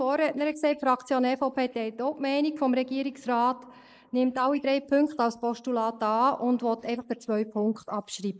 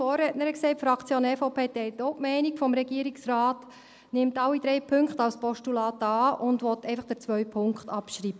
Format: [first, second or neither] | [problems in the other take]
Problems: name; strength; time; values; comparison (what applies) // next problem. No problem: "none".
second | noise reduction (neural mask model Resemble Enhance denoiser)